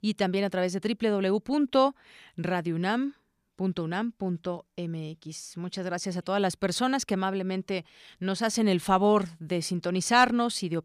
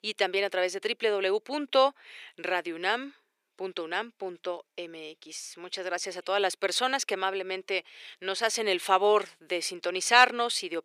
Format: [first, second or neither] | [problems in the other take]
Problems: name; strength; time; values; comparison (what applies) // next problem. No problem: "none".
first | thin; very; fading below 400 Hz